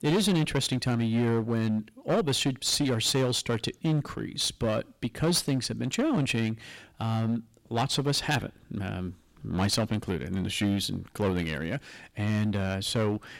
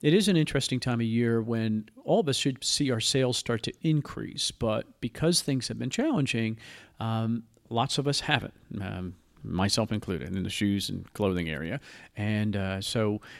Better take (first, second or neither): second